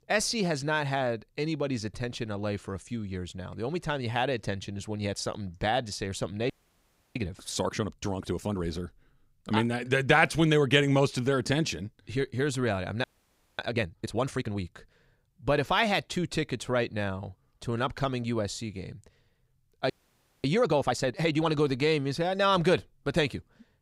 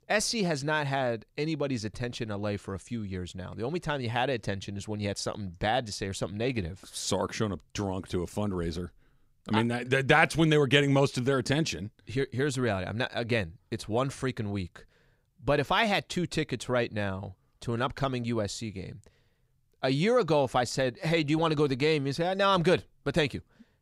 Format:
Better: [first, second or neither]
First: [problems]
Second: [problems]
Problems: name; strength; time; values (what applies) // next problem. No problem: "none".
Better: second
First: audio freezing; at 6.5 s for 0.5 s, at 13 s for 0.5 s and at 20 s for 0.5 s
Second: none